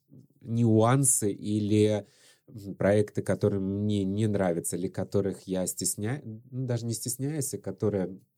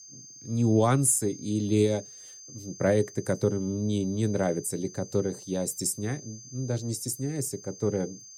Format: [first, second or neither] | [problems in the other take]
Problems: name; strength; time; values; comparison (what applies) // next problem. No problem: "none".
first | high-pitched whine; noticeable; throughout; 6.5 kHz, 15 dB below the speech